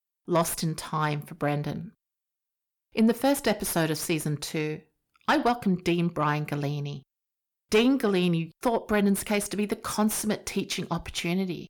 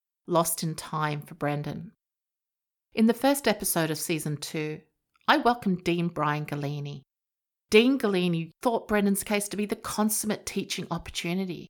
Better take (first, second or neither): second